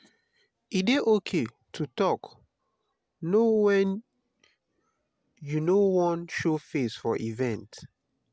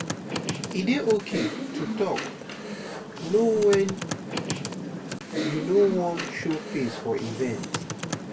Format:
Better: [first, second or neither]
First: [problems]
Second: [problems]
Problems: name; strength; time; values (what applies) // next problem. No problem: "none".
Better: first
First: none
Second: background sound (Computer keyboard); 5 dB below the speech // room echo; dies away in 0.2 s